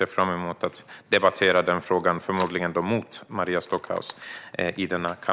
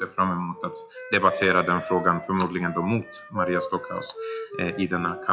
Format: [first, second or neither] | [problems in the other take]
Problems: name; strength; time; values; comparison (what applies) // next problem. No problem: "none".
first | noise reduction (classical method WPE with log-MMSE)